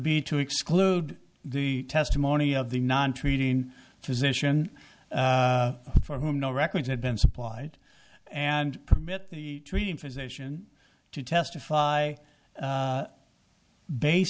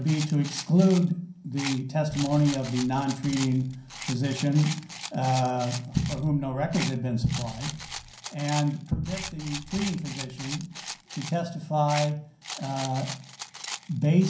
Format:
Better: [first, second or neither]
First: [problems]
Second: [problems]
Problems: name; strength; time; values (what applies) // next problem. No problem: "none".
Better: first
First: none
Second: background sound (Rattle); 13 dB below the speech // room echo; dies away in 0.6 s